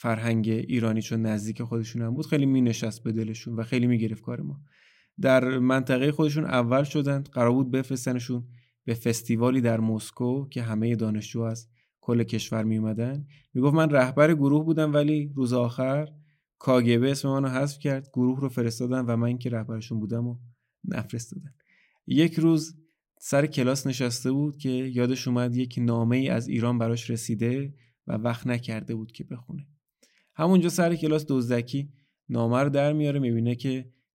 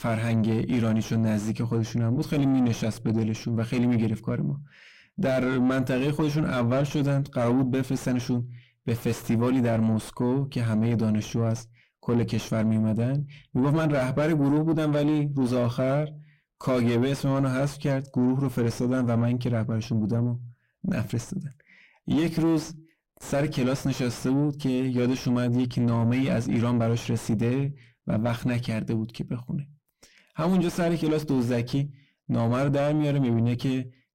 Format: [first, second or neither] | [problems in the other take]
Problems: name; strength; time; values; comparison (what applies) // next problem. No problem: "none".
first | distortion; heavy; 6 dB below the speech